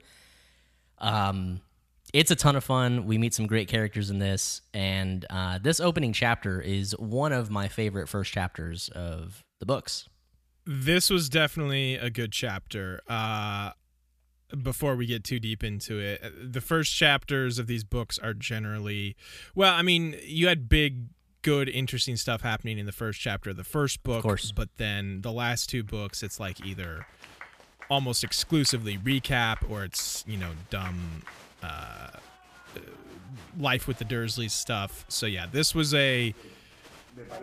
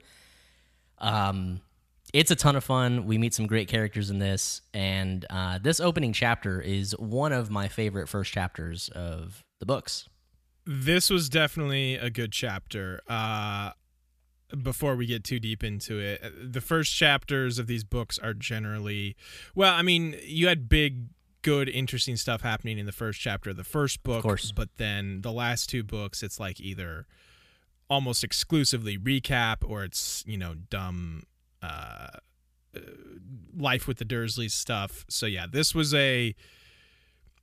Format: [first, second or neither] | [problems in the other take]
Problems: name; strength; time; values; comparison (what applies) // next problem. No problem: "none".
second | crowd noise; faint; from 26 s on; 20 dB below the speech